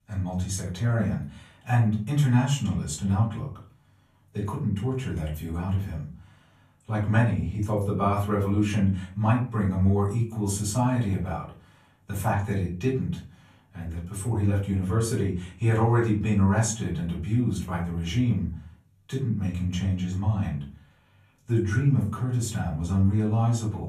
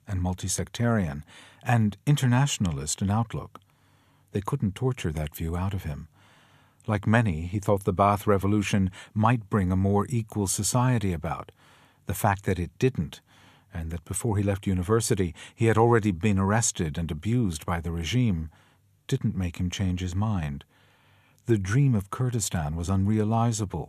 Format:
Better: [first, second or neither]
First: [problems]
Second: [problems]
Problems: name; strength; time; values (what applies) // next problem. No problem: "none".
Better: second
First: off-mic speech; far // room echo; slight; dies away in 0.4 s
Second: none